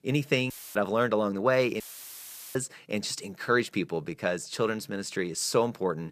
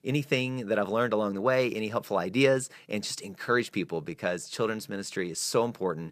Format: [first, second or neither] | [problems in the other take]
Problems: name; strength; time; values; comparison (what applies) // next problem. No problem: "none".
second | audio cutting out; filled with static; at 0.5 s and at 2 s for 0.5 s